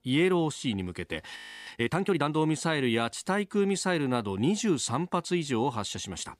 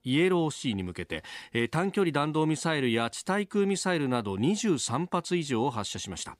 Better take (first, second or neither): second